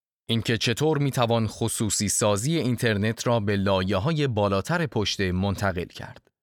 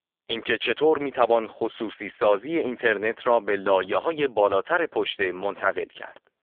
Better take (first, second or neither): first